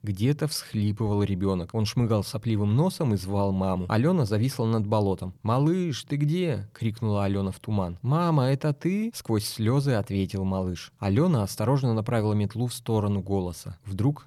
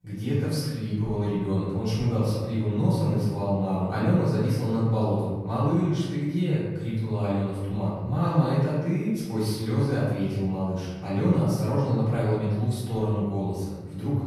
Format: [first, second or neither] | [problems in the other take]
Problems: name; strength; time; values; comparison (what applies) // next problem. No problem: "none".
first | off-mic speech; far // room echo; strong; dies away in 1.2 s